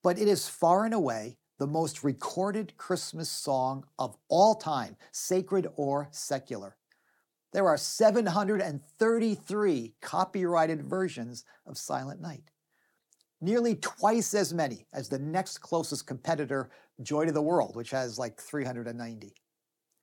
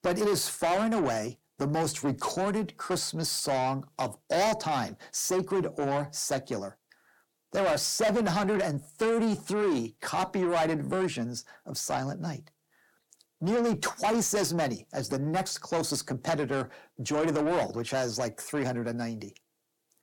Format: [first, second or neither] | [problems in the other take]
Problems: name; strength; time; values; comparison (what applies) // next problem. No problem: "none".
first | distortion; heavy; 7 dB below the speech